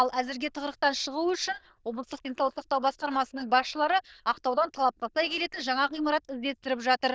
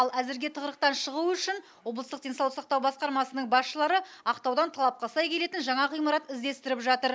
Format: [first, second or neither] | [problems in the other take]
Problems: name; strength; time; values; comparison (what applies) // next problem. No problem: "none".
second | noise reduction (neural diffusion model UNIVERSE++)